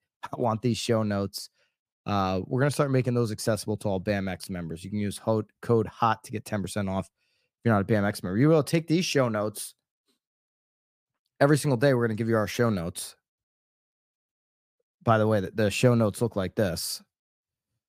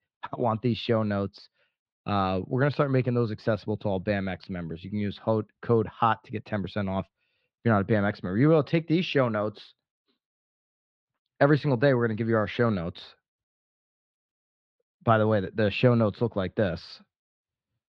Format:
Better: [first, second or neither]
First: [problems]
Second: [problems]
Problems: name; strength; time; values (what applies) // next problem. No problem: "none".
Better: first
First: none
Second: muffled; slightly; fading above 4 kHz